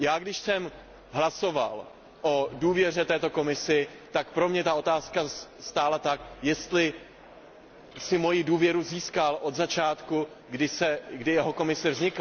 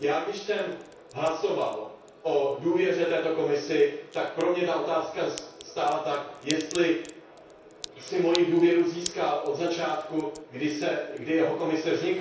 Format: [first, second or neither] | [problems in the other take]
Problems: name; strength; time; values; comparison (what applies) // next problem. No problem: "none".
first | background sound (Crack); 19 dB below the speech // room echo; dies away in 0.6 s